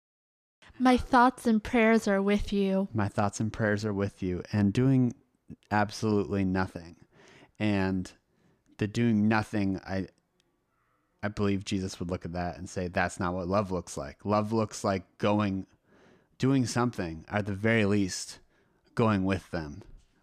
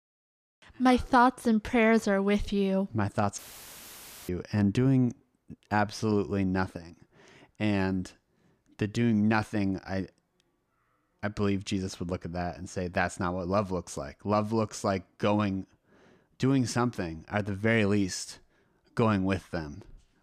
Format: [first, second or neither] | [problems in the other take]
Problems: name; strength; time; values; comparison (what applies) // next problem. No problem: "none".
first | audio cutting out; filled with static; at 3.5 s for 1 s